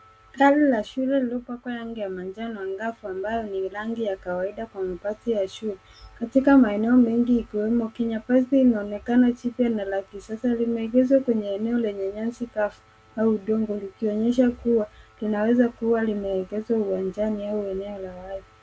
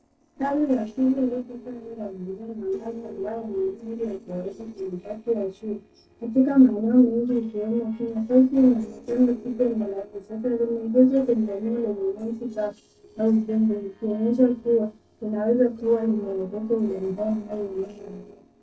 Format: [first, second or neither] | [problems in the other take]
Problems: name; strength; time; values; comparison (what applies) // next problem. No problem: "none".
first | noise reduction (neural separator model SepFormer DNS4)